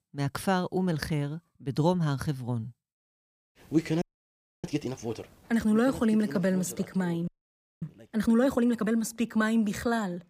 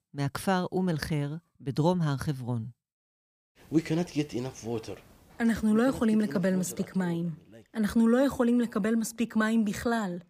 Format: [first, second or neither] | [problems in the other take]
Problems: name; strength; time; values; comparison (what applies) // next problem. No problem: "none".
second | audio freezing; at 4 s for 0.5 s and at 7.5 s for 0.5 s